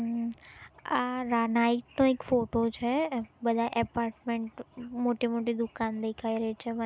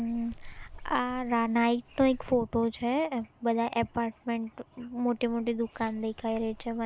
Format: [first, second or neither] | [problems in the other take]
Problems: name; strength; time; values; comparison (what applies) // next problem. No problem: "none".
first | background sound (Zipper (clothing)); 19 dB below the speech